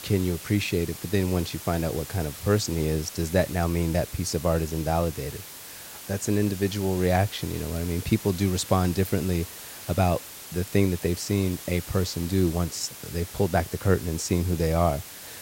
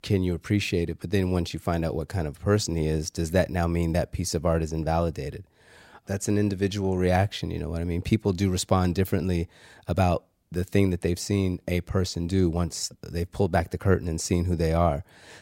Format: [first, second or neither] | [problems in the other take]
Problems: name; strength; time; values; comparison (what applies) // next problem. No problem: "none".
second | hiss; noticeable; throughout; 10 dB below the speech